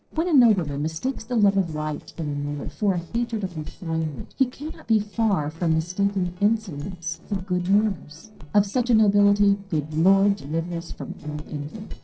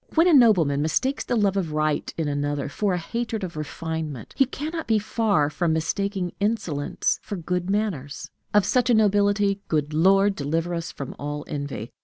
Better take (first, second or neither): second